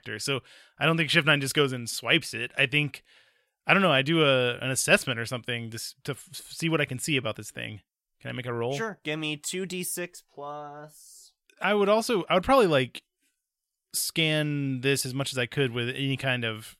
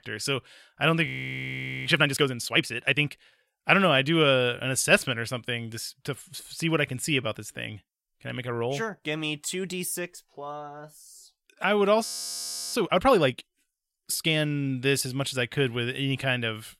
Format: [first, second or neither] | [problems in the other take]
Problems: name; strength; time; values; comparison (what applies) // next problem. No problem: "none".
first | audio freezing; at 1 s for 1 s and at 12 s for 0.5 s